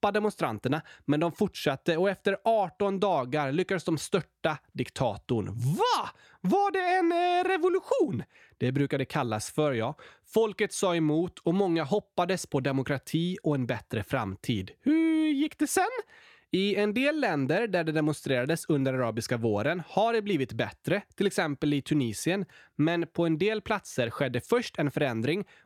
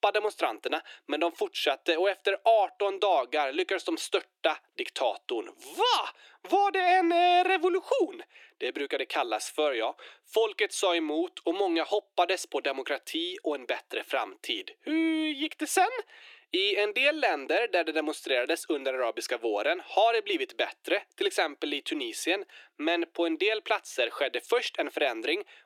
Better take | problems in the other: first | thin; very; fading below 350 Hz

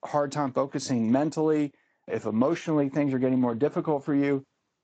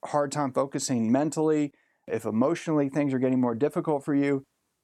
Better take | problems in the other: second | garbled, watery; slightly; nothing above 8 kHz

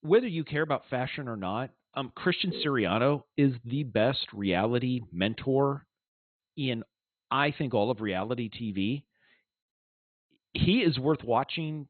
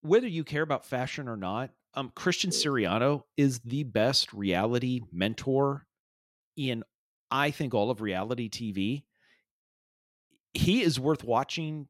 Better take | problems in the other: second | garbled, watery; badly; nothing above 4 kHz

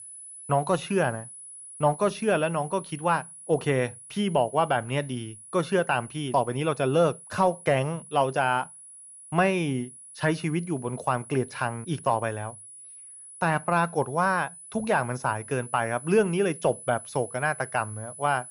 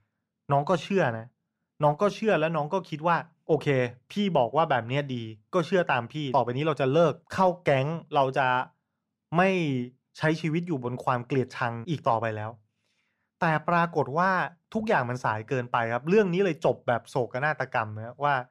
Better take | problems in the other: second | high-pitched whine; noticeable; throughout; 10 kHz, 15 dB below the speech

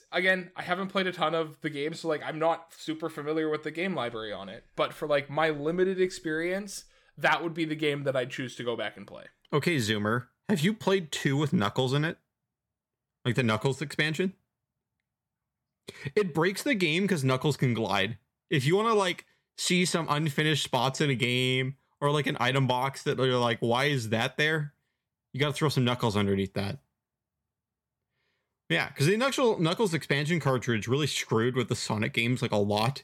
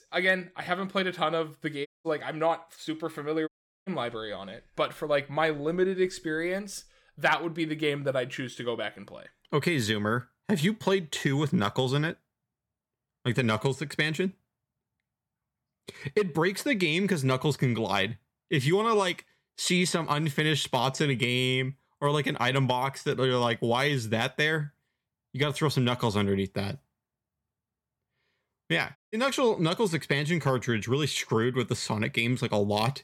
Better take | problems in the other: first | audio cutting out; at 2 s, at 3.5 s and at 29 s

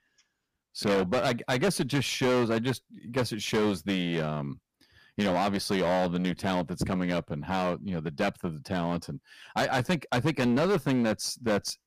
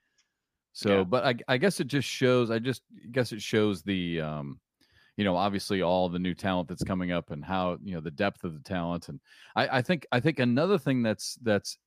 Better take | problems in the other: second | distortion; heavy; 13% of the sound clipped

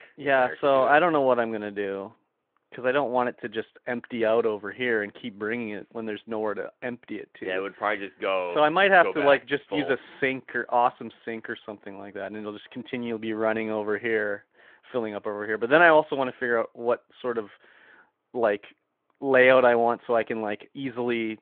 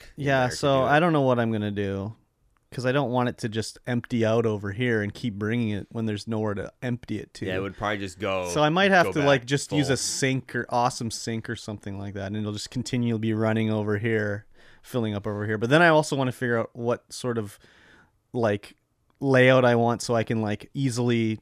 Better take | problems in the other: second | phone-call audio

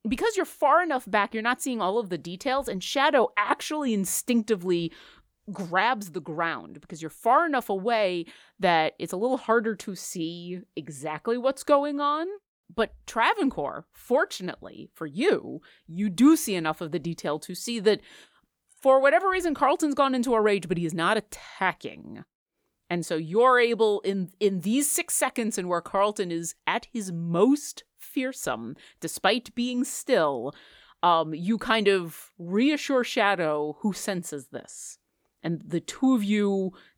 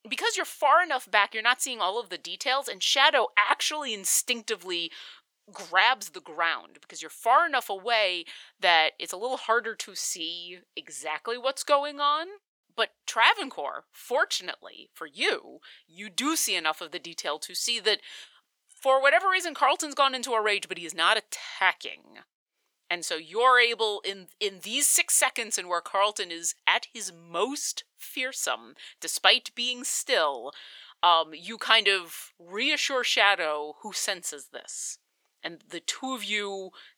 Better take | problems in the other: first | thin; very; fading below 650 Hz

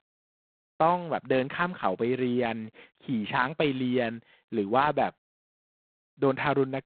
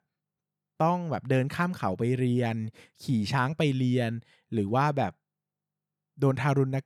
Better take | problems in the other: second | phone-call audio; poor line; nothing above 4 kHz

